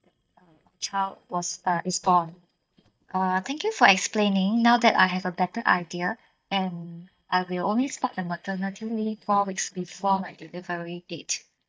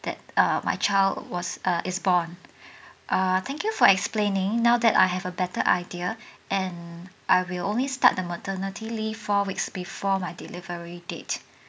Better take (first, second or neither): second